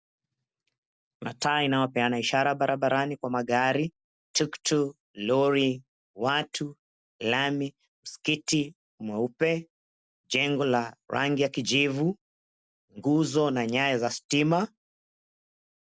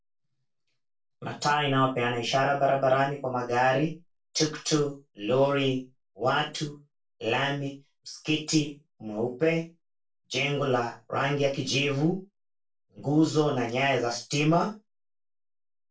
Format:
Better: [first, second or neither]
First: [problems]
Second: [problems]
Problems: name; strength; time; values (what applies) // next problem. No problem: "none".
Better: first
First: none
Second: room echo; dies away in 0.2 s